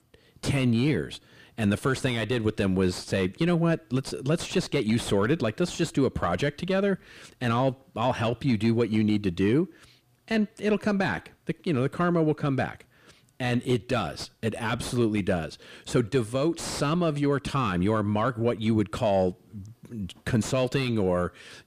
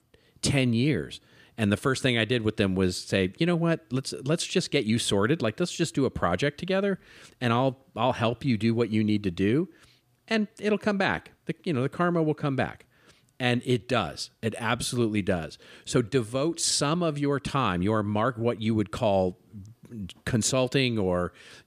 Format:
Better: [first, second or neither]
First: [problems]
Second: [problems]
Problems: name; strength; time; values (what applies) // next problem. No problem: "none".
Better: second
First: distortion; slight; 10 dB below the speech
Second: none